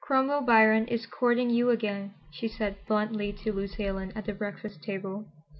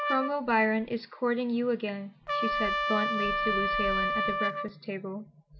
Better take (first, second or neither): first